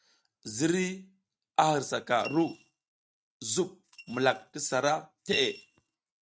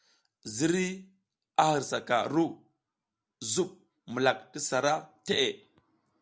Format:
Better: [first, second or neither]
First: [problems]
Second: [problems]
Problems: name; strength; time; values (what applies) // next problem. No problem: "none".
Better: second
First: noise reduction (neural mask model RNNoise)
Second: none